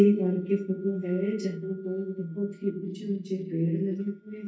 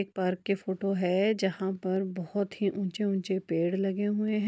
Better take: second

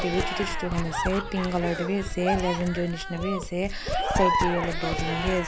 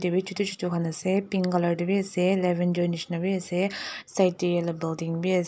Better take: second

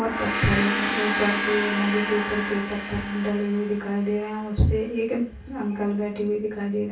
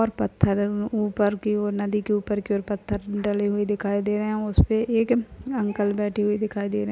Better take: second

